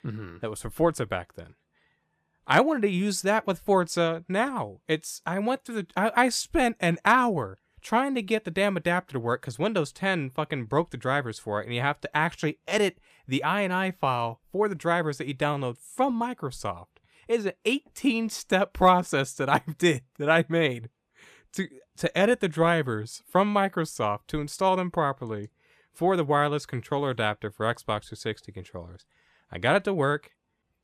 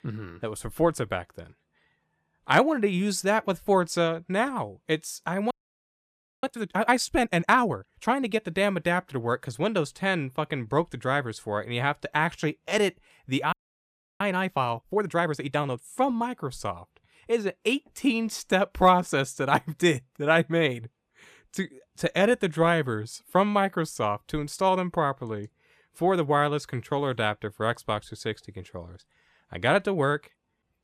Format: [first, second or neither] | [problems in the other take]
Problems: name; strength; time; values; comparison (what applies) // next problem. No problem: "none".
first | audio freezing; at 5.5 s for 1 s and at 14 s for 0.5 s